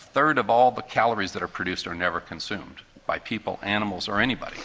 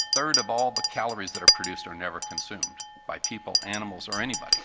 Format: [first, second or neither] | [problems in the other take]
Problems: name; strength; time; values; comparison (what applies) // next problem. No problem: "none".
first | background sound (Chink, clink); 4 dB above the speech